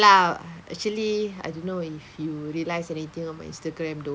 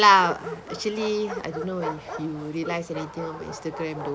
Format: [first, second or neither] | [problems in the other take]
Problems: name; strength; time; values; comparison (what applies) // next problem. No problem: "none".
first | background sound (Bark); 11 dB below the speech